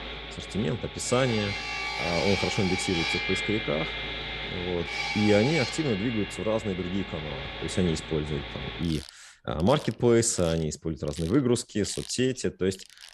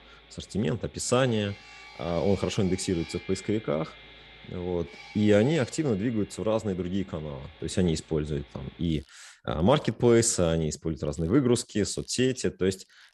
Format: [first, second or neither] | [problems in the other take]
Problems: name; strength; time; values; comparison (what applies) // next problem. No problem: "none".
second | machinery noise; loud; throughout; 4 dB below the speech; faint in the second